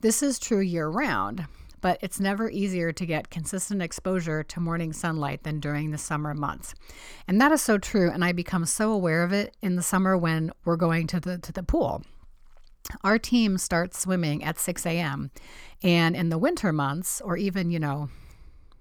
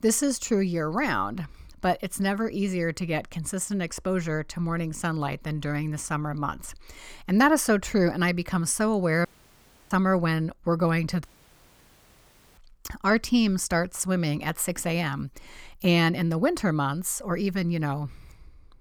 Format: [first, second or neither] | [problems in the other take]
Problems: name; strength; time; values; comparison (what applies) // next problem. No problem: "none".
first | audio cutting out; at 9.5 s for 0.5 s and at 11 s for 1.5 s